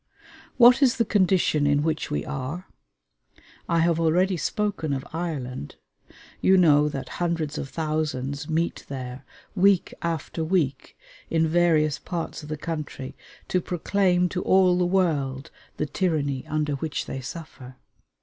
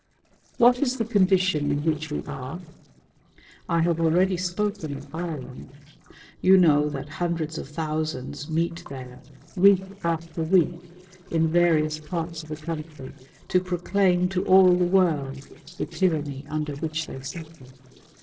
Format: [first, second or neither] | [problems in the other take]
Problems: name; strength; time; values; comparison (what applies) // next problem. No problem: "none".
first | noise reduction (neural separator model SepFormer DNS4)